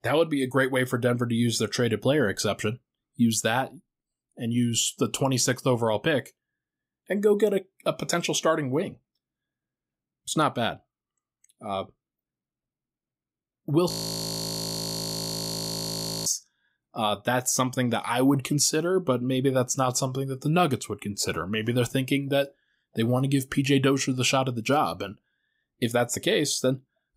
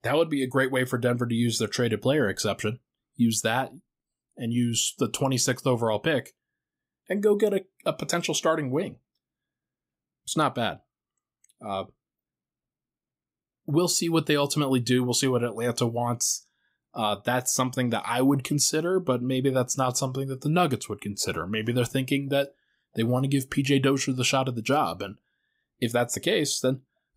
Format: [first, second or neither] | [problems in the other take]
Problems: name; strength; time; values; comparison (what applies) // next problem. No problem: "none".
second | audio freezing; at 14 s for 2.5 s